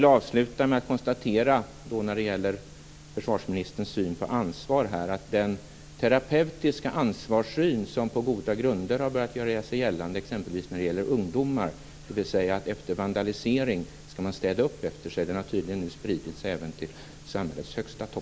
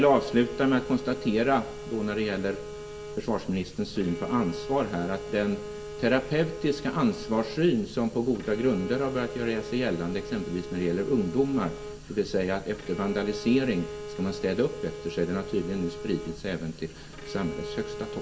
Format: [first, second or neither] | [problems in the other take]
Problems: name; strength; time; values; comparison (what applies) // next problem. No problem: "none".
first | background sound (Bowed string instrument); 11 dB below the speech // room echo; dies away in 0.7 s